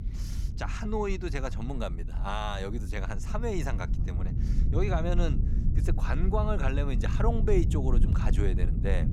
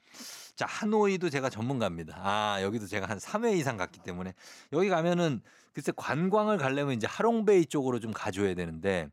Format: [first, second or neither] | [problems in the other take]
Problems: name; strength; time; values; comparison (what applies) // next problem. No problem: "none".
second | low rumble; noticeable; throughout; 10 dB below the speech